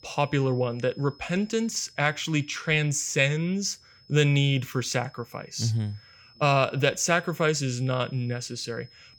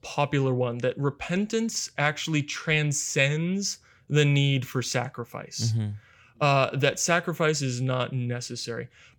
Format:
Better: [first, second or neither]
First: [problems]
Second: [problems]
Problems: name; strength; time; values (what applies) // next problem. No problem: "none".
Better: second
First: high-pitched whine; faint; throughout; 5 kHz, 25 dB below the speech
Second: none